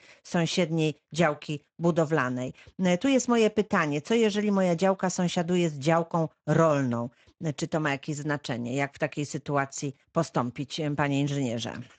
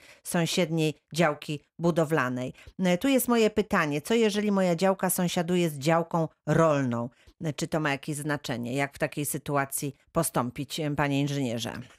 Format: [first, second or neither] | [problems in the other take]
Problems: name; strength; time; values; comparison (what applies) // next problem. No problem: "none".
second | garbled, watery; slightly; nothing above 7.5 kHz